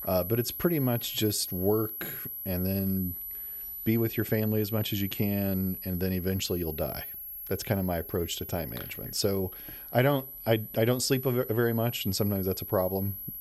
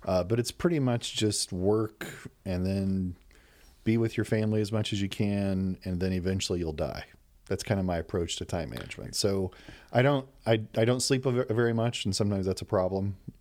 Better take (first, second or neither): second